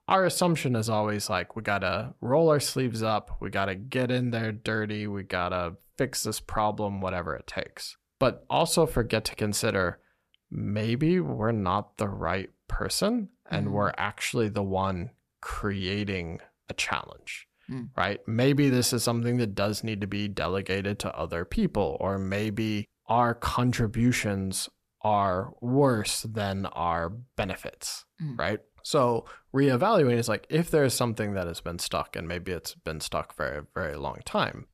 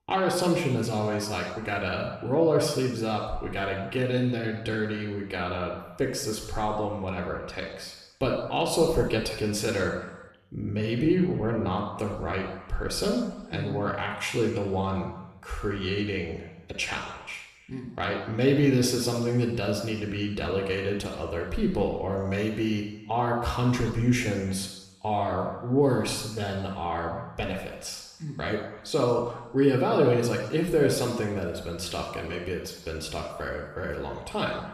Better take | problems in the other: first | room echo; noticeable; dies away in 1 s // off-mic speech; somewhat distant

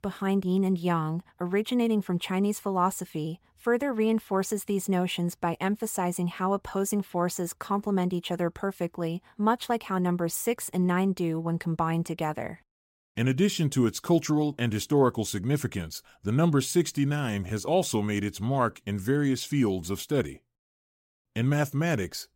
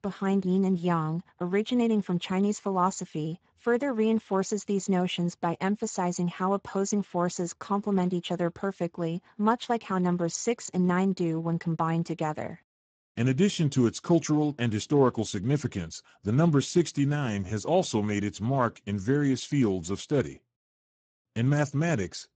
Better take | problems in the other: first | garbled, watery; badly; nothing above 7.5 kHz

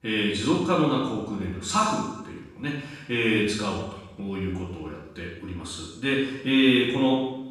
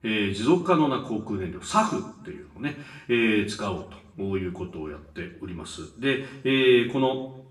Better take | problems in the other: second | room echo; strong; dies away in 0.9 s; slight in the second // off-mic speech; far; far in the second

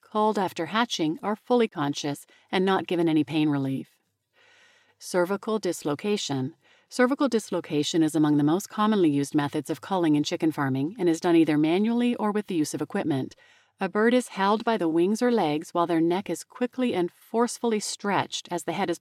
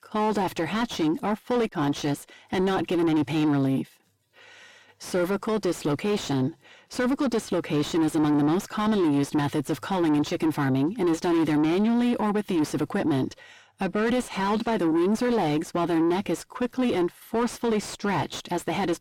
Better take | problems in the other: first | distortion; heavy; 8 dB below the speech

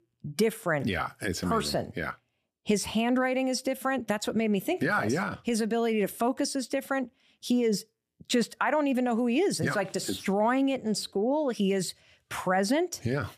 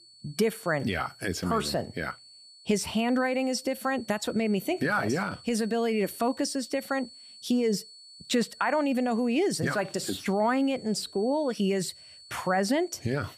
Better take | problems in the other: first | high-pitched whine; noticeable; throughout; 4.5 kHz, 20 dB below the speech

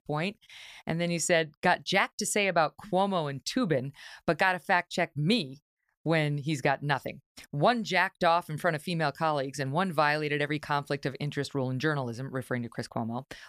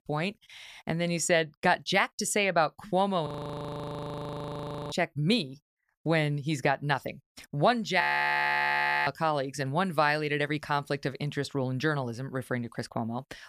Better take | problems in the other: first | audio freezing; at 3.5 s for 1.5 s and at 8 s for 1 s

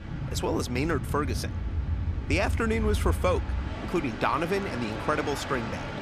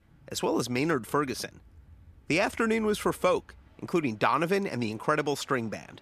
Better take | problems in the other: second | train or aircraft noise; loud; throughout; 3 dB below the speech; faint in the second

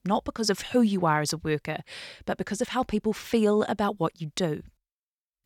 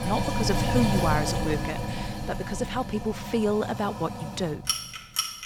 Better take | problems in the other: first | household noises; loud; throughout; 1 dB below the speech

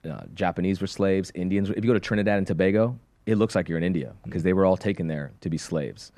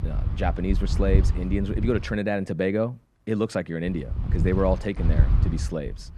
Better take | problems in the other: first | wind noise on the microphone; occasional gusts; until 2 s and from 4 s on; 10 dB below the speech

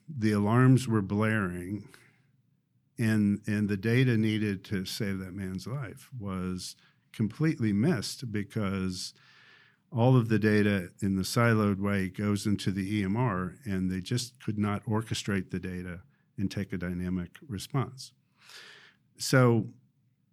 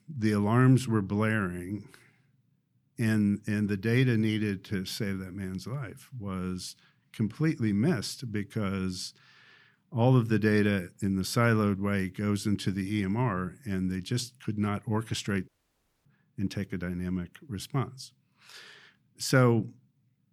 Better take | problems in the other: first | audio cutting out; at 15 s for 0.5 s

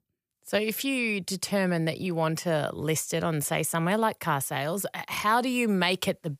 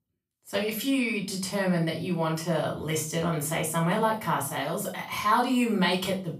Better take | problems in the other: first | off-mic speech; far // room echo; slight; dies away in 0.3 s

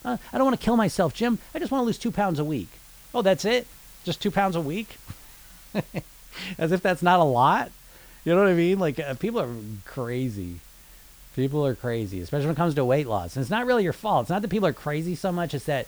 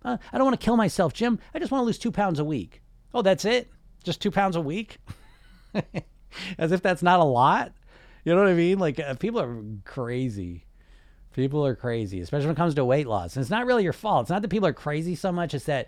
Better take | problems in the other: second | hiss; faint; throughout; 25 dB below the speech

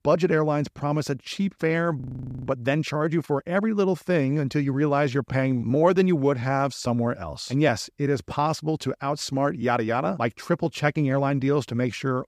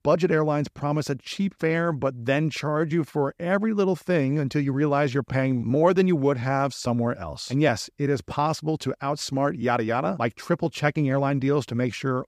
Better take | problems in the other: second | audio freezing; at 2 s

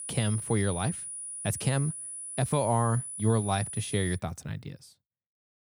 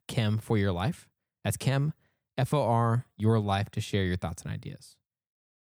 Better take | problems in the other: second | high-pitched whine; loud; until 4 s; 9.5 kHz, 6 dB below the speech

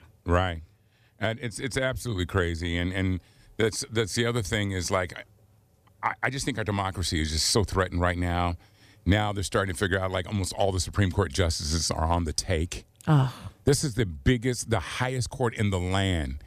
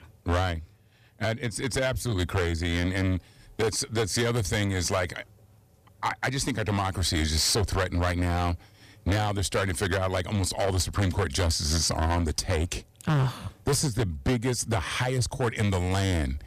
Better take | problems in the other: first | distortion; heavy; 11% of the sound clipped

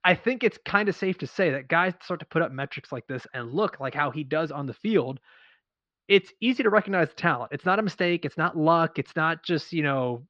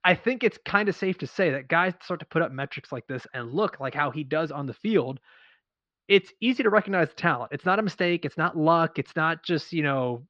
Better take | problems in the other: neither | muffled; slightly; fading above 4.5 kHz; the same in both

